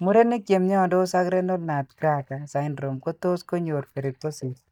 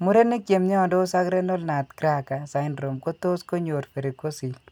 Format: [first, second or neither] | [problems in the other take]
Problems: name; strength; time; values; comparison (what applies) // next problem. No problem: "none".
second | noise reduction (neural mask model DeepFilterNet 3)